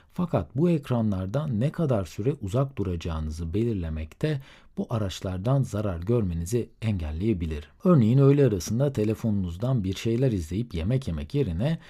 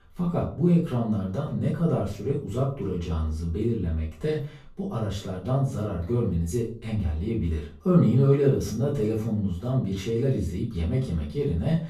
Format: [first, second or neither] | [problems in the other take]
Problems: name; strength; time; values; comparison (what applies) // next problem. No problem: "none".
first | room echo; slight; dies away in 0.3 s // off-mic speech; far